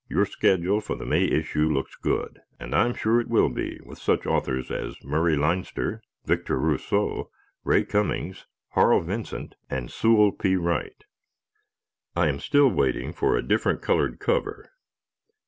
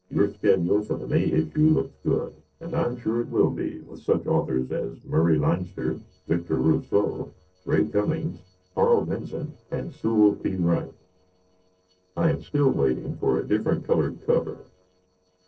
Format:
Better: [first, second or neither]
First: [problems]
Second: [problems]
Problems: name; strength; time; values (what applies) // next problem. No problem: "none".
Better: first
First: none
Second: noise reduction (neural separator model SepFormer DNS4)